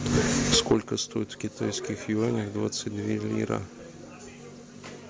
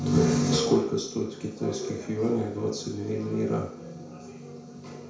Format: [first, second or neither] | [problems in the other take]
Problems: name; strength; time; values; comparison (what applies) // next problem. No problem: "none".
first | room echo; dies away in 0.5 s